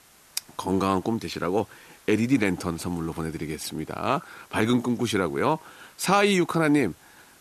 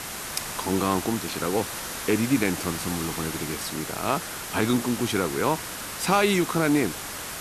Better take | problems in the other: first | hiss; loud; throughout; 6 dB below the speech; faint in the first

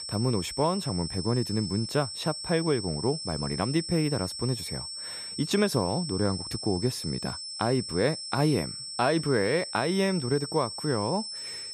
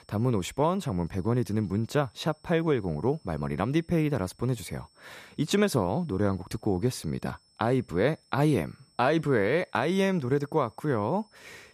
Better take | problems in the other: second | high-pitched whine; loud; throughout; 5.5 kHz, 6 dB below the speech; faint in the second

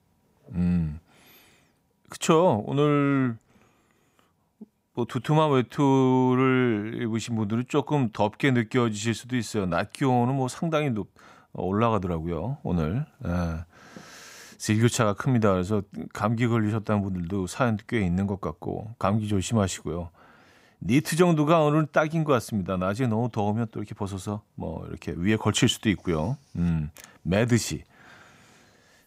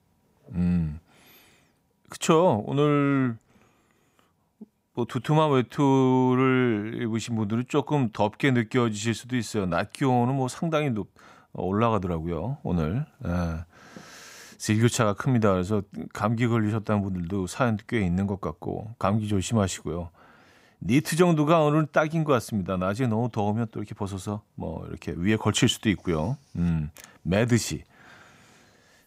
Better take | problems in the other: neither | none

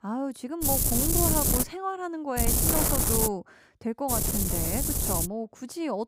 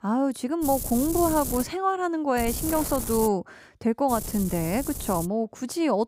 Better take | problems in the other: second | wind noise on the microphone; heavy; from 0.5 to 1.5 s, at 2.5 s and from 4 to 5.5 s; 3 dB above the speech; occasional gusts in the second

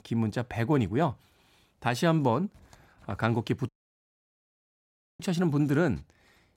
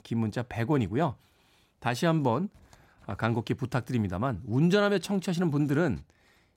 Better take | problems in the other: second | audio cutting out; at 3.5 s for 1.5 s

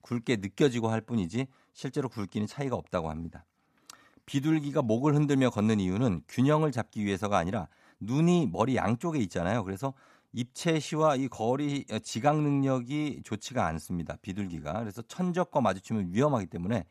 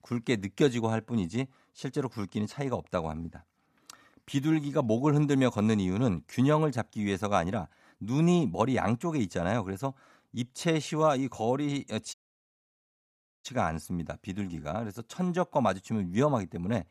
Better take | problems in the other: first | audio cutting out; at 12 s for 1.5 s

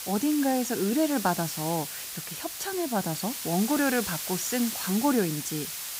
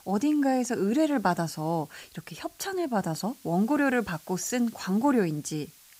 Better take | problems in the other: second | hiss; loud; throughout; 5 dB below the speech; faint in the second

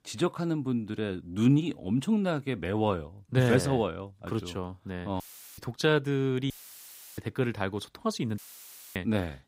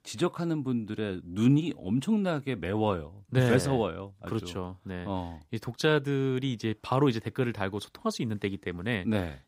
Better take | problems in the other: second | audio cutting out; filled with static; at 5 s, at 6.5 s for 0.5 s and at 8.5 s for 0.5 s

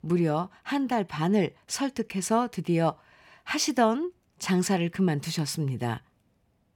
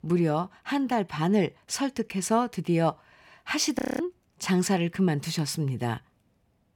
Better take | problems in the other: first | audio freezing; at 4 s

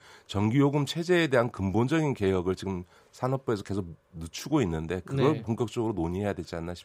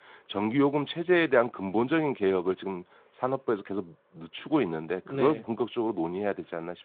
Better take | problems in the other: first | phone-call audio

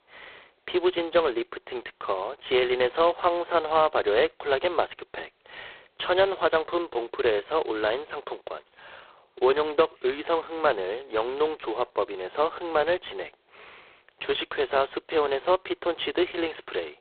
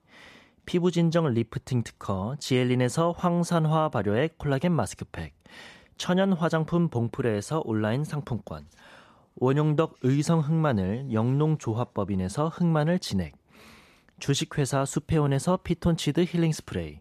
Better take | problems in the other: second | phone-call audio; poor line; nothing above 4 kHz

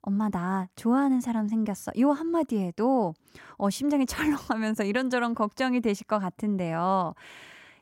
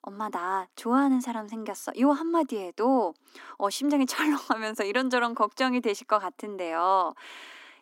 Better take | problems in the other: first | thin; very slightly; fading below 250 Hz

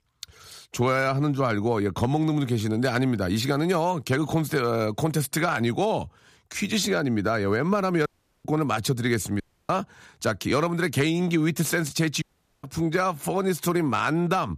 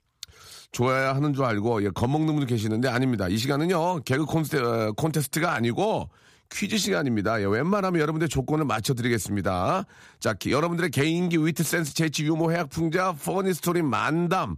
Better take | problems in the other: second | audio cutting out; at 8 s, at 9.5 s and at 12 s

